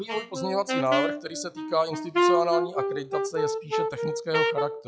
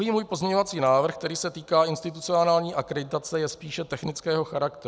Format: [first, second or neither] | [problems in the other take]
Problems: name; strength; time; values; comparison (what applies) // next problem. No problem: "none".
second | noise reduction (classical method log-MMSE)